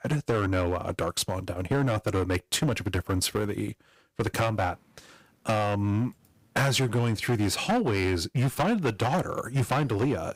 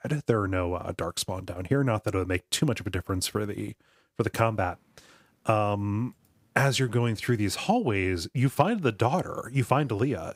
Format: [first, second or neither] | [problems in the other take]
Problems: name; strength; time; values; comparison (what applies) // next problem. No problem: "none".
second | distortion; heavy; 10% of the sound clipped